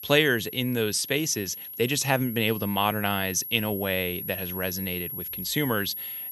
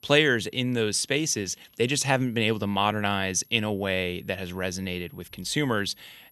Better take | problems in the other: second | high-pitched whine; loud; throughout; 11.5 kHz, 8 dB below the speech; faint in the second

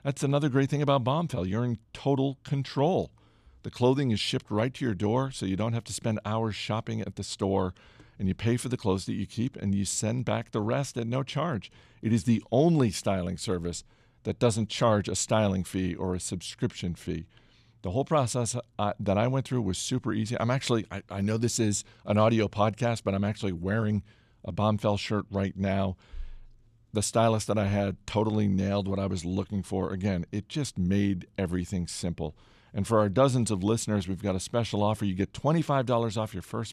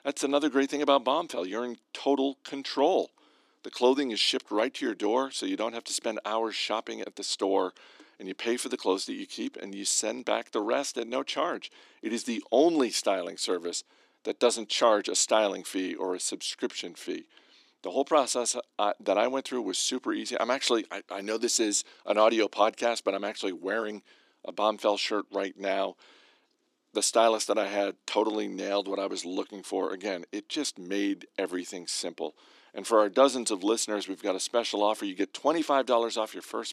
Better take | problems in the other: first | thin; somewhat; fading below 300 Hz

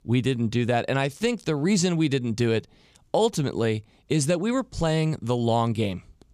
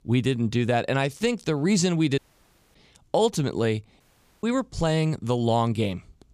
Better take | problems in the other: first | audio cutting out; at 2 s for 0.5 s and at 4 s

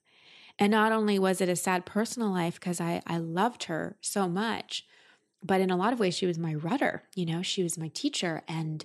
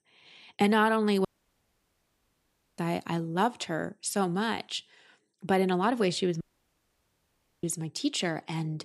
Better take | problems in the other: first | audio cutting out; at 1.5 s for 1.5 s and at 6.5 s for 1 s

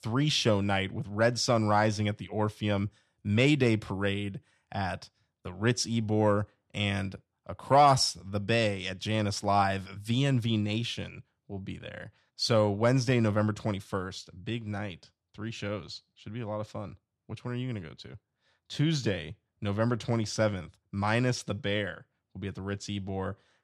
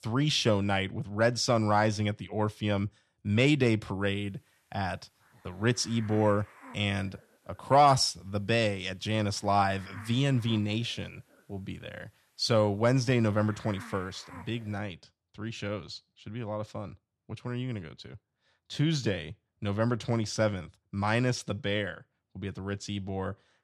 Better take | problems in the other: first | hiss; faint; from 4 to 15 s; 20 dB below the speech

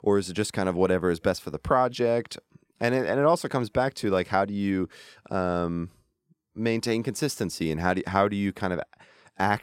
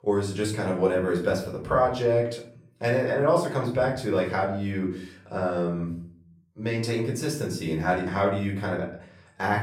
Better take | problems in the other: first | room echo; slight; dies away in 0.5 s // off-mic speech; far

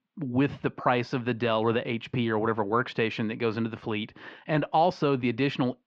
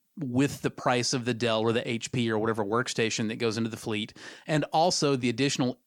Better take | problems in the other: second | muffled; very; fading above 3 kHz

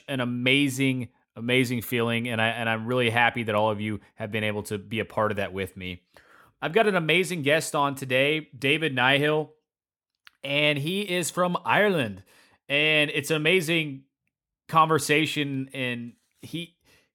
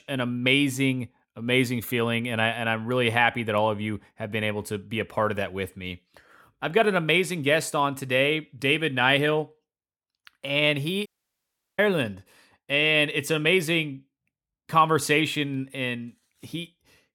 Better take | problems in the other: first | audio cutting out; at 11 s for 0.5 s

